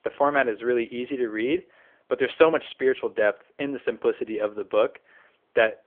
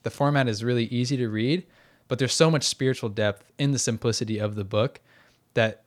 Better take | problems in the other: second | phone-call audio; nothing above 3.5 kHz

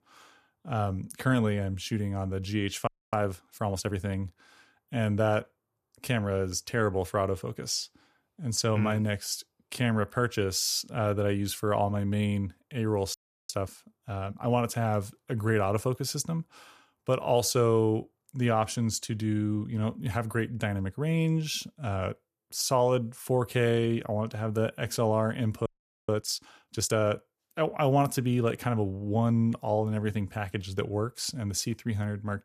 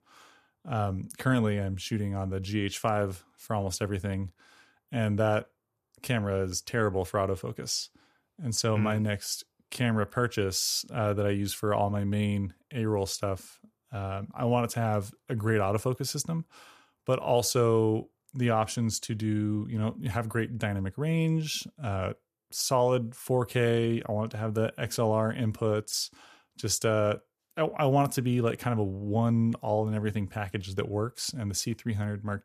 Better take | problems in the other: second | audio freezing; at 3 s, at 13 s and at 26 s

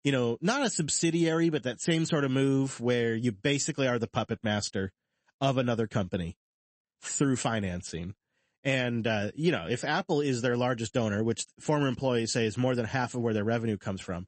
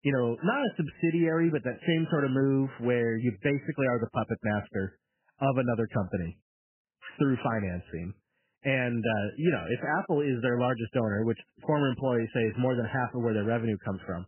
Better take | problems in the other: first | garbled, watery; badly; nothing above 3 kHz; slightly in the first

